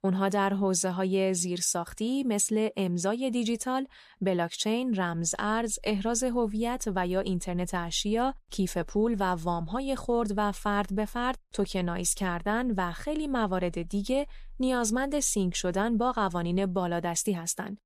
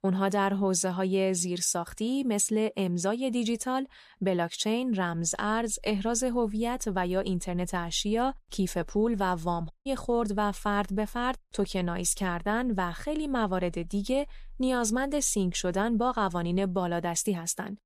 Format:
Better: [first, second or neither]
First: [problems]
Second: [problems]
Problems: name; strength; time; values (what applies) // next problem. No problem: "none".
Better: first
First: none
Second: audio cutting out; at 9.5 s